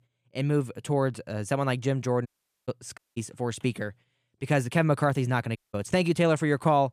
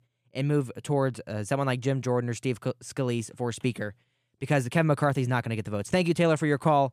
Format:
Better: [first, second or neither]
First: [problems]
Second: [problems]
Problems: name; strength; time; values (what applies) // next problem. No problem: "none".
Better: second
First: audio cutting out; at 2.5 s, at 3 s and at 5.5 s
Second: none